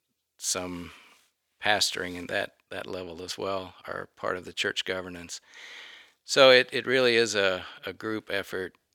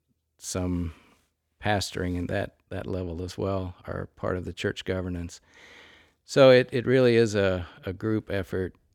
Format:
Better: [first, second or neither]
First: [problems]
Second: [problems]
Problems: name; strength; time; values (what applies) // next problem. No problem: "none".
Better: second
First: thin; somewhat; fading below 1 kHz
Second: none